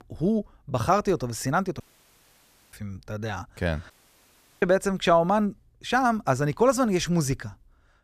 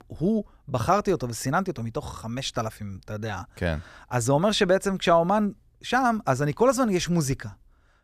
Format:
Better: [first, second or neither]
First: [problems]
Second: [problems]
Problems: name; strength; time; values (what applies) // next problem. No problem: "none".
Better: second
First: audio cutting out; at 2 s for 1 s and at 4 s for 0.5 s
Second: none